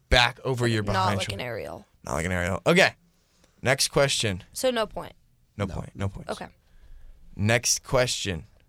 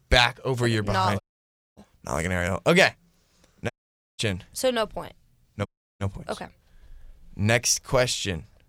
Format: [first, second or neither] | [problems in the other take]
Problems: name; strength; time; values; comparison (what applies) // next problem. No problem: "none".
first | audio cutting out; at 1 s for 0.5 s, at 3.5 s and at 5.5 s